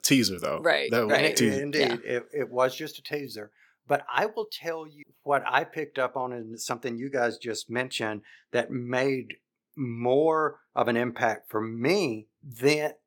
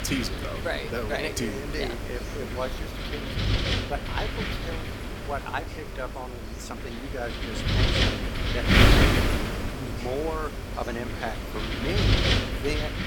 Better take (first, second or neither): first